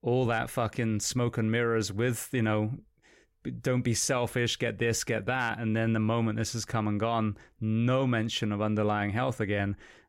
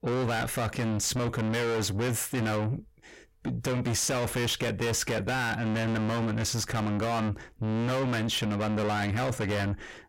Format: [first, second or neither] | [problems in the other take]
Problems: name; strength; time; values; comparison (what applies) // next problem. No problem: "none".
first | distortion; heavy; 6 dB below the speech